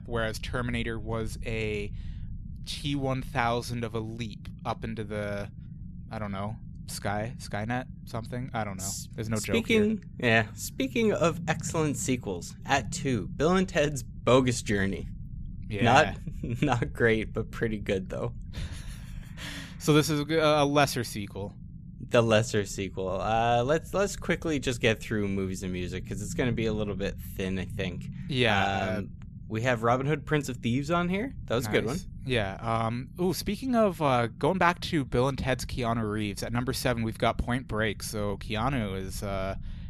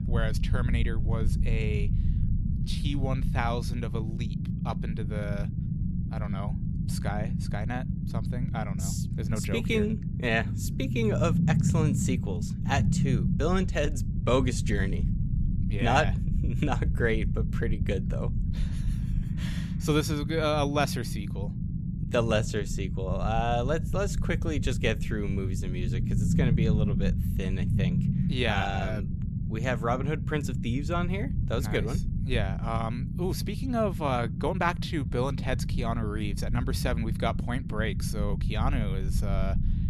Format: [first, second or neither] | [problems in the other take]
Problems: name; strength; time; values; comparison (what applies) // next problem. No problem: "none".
first | low rumble; loud; throughout; 9 dB below the speech; faint in the first